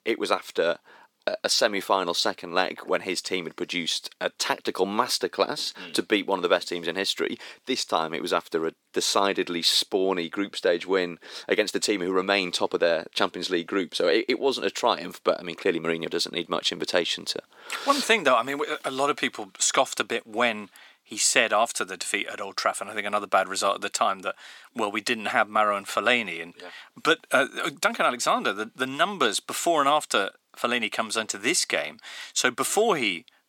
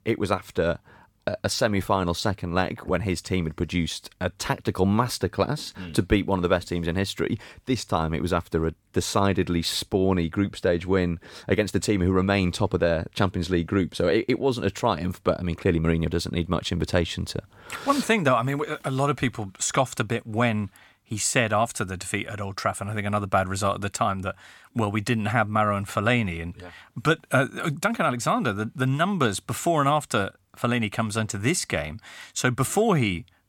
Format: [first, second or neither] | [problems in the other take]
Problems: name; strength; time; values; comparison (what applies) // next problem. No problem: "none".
second | thin; somewhat; fading below 300 Hz